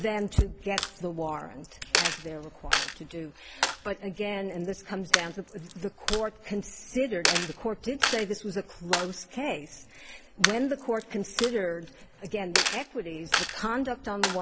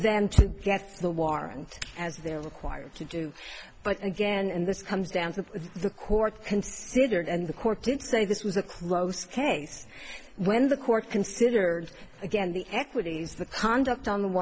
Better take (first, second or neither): second